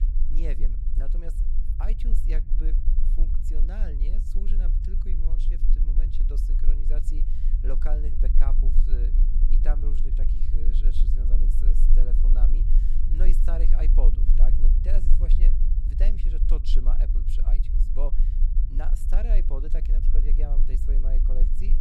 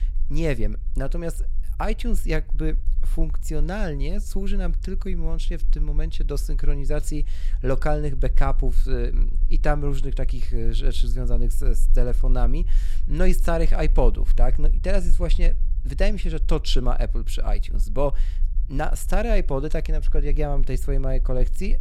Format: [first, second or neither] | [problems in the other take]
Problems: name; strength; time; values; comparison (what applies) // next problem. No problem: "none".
second | low rumble; loud; throughout; 5 dB below the speech; faint in the second